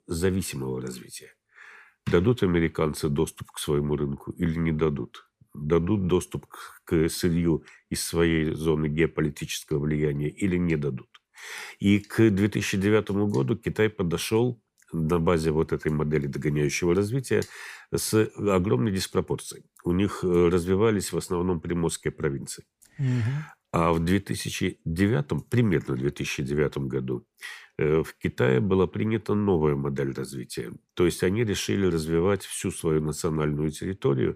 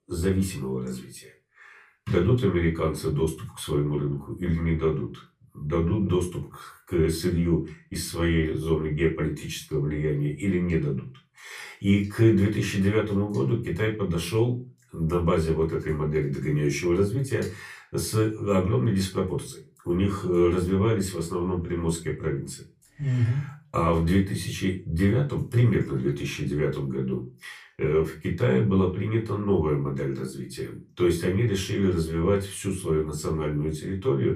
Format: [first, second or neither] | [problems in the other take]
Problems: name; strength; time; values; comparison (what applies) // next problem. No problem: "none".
first | off-mic speech; far // room echo; very slight; dies away in 0.2 s